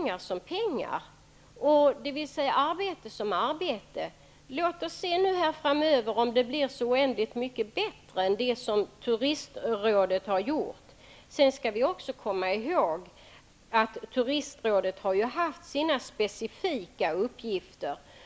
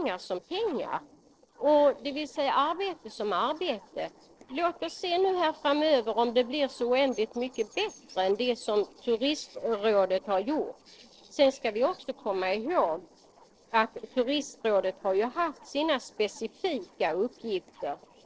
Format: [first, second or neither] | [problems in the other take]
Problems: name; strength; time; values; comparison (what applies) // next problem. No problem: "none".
first | noise reduction (neural separator model SepFormer DNS4)